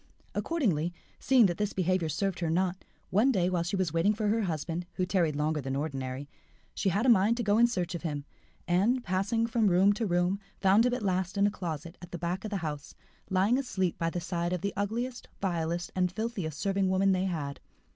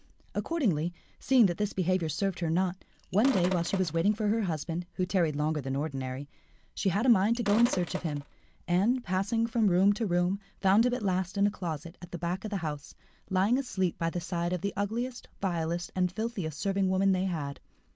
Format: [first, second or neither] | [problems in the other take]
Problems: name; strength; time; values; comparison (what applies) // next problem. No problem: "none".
first | background sound (Sink (filling or washing)); 11 dB below the speech